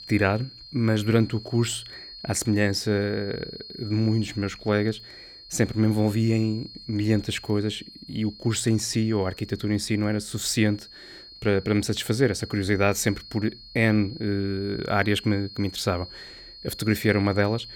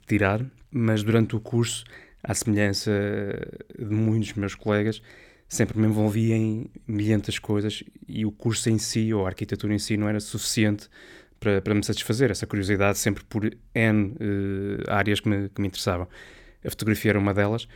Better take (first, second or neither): second